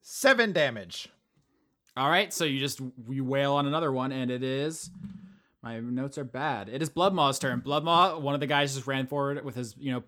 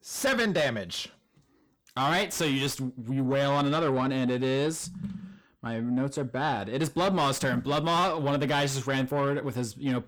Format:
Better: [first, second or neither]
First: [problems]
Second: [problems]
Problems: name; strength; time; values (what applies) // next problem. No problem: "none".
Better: first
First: none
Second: distortion; heavy; 6 dB below the speech